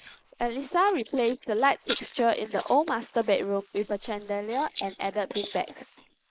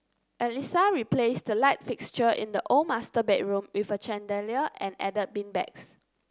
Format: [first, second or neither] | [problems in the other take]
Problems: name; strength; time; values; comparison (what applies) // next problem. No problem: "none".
second | noise reduction (neural mask model Resemble Enhance denoiser)